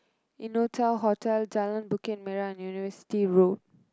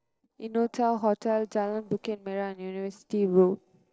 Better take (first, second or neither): first